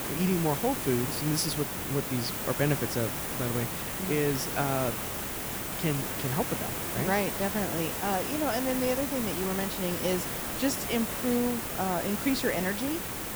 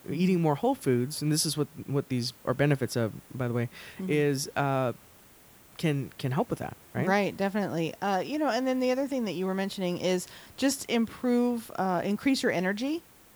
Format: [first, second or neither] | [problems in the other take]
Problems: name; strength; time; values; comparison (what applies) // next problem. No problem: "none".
second | hiss; loud; throughout; 1 dB below the speech; faint in the second